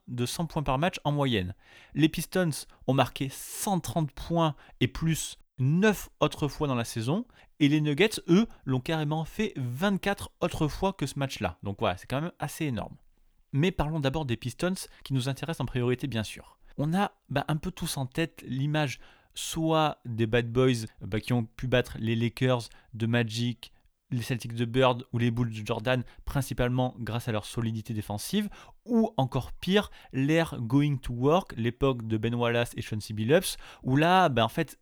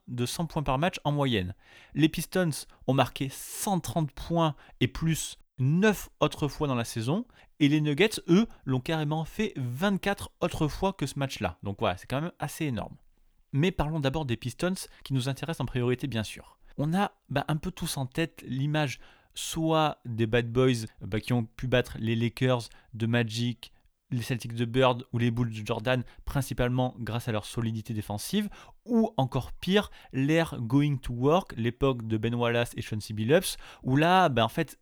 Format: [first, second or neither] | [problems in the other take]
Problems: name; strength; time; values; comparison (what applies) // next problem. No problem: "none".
neither | none